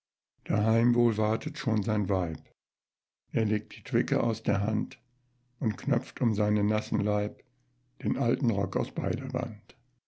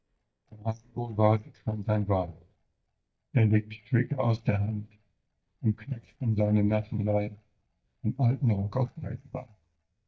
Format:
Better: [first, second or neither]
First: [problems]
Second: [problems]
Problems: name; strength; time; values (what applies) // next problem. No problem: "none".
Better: first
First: none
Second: noise reduction (neural mask model DeepFilterNet 3)